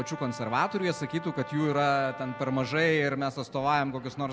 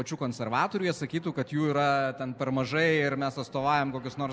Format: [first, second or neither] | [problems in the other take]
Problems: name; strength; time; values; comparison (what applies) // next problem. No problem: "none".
second | background sound (Brass instrument); 15 dB below the speech